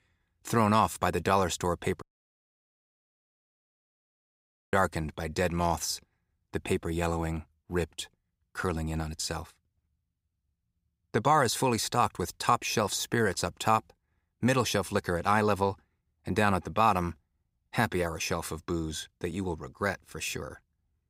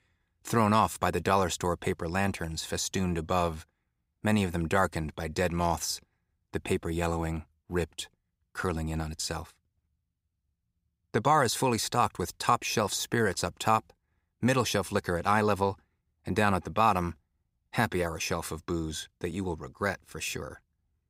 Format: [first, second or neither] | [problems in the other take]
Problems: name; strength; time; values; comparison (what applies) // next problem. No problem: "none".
second | audio cutting out; at 2 s for 2.5 s